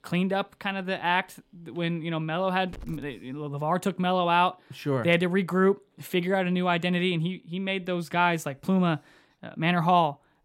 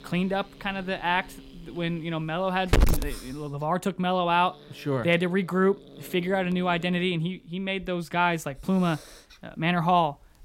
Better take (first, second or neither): first